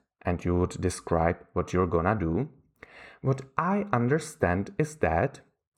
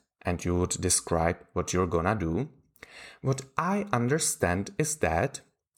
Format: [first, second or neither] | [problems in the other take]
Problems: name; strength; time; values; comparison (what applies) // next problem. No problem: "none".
second | muffled; slightly; fading above 3.5 kHz